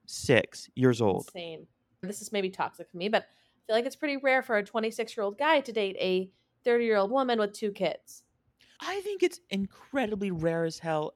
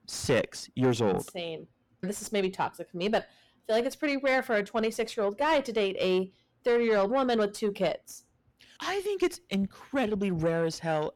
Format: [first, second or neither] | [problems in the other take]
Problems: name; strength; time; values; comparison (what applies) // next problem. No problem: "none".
first | distortion; slight; 9 dB below the speech